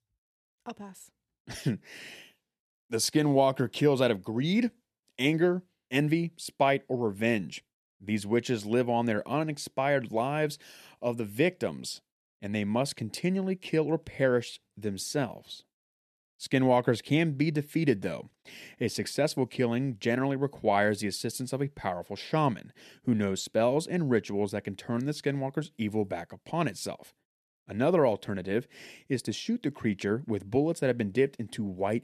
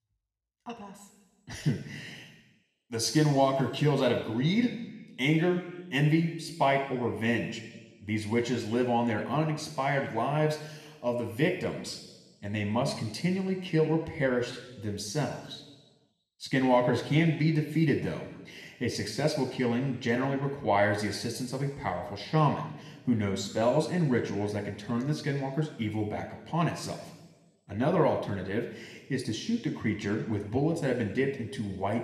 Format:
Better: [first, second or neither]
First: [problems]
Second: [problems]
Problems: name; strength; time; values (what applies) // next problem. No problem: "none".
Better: first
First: none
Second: room echo; noticeable; dies away in 1.1 s // off-mic speech; somewhat distant